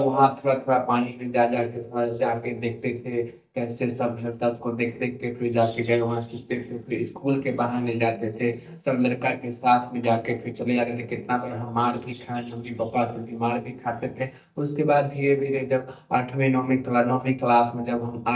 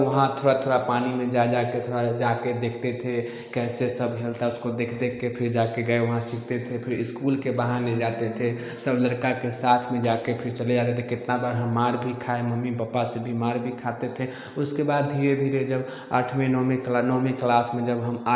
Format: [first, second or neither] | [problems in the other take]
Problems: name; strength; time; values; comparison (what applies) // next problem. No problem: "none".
second | noise reduction (neural mask model DeepFilterNet 3)